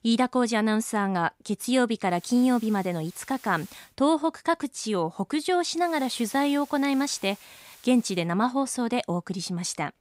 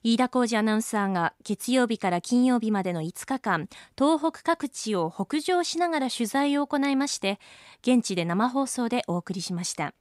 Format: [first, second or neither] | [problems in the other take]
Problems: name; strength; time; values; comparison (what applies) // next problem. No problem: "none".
second | hiss; faint; from 2 to 4 s and from 6 to 8 s; 25 dB below the speech